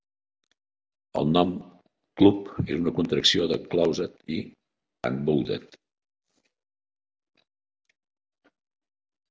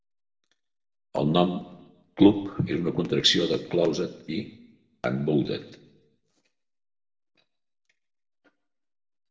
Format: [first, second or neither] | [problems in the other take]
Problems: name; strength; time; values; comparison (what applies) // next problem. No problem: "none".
first | room echo; dies away in 0.8 s